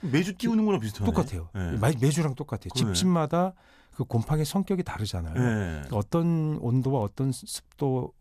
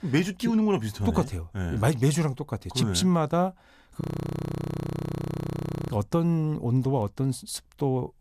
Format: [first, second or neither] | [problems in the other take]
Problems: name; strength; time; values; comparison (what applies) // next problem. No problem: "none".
first | audio freezing; at 4 s for 2 s